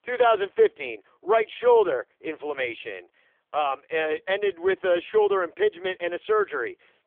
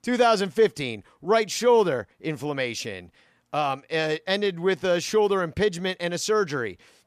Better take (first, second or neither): second